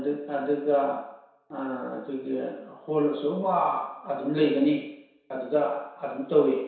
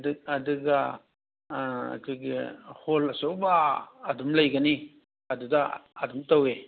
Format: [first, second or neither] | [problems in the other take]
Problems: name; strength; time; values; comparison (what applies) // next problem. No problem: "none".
second | room echo; dies away in 0.7 s